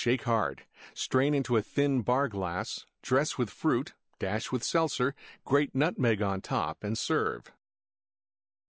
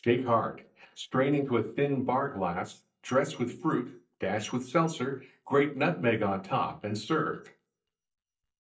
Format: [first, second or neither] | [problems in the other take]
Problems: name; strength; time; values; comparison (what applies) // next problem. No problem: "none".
first | noise reduction (neural mask model DeepFilterNet 3)